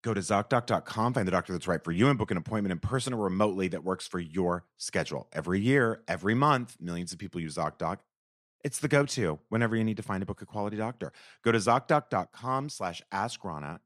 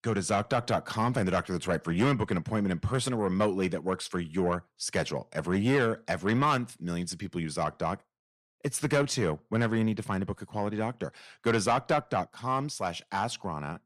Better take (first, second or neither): first